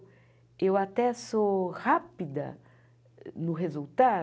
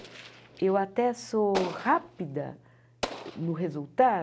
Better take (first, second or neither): first